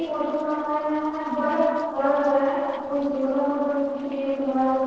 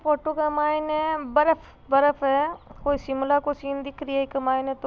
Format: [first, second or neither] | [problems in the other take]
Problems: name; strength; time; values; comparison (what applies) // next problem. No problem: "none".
second | noise reduction (neural separator model SepFormer DNS4)